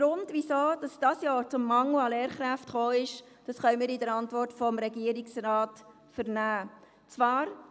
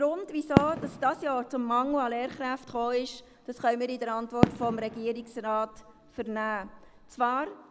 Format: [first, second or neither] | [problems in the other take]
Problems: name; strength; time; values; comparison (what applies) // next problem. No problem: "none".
first | background sound (Fireworks); 4 dB below the speech